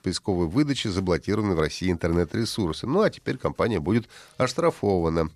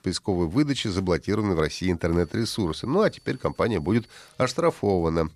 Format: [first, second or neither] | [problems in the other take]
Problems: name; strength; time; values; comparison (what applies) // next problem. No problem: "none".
first | high-pitched whine; faint; from 2 to 4.5 s; 4.5 kHz, 35 dB below the speech